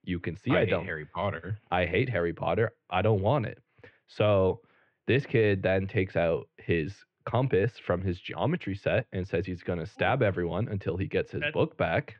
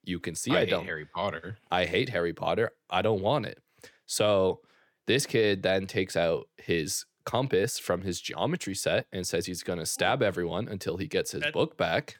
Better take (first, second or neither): second